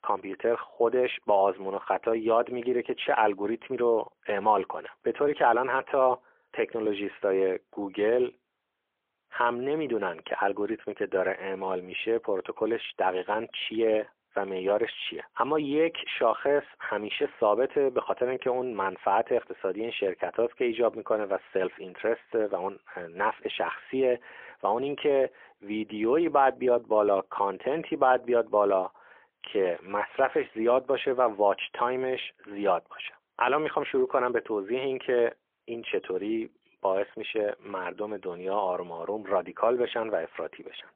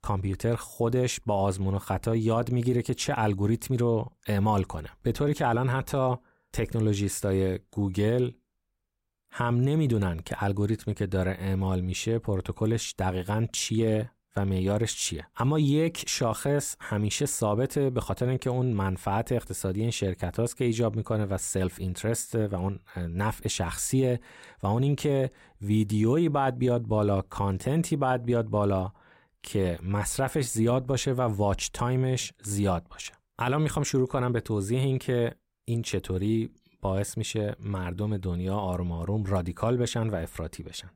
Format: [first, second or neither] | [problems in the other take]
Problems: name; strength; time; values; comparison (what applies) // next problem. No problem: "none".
second | phone-call audio; poor line; nothing above 3.5 kHz